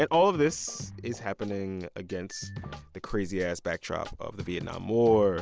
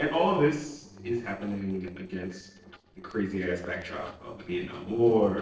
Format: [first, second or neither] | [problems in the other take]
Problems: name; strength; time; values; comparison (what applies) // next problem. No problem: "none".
first | noise reduction (neural separator model SepFormer DNS4)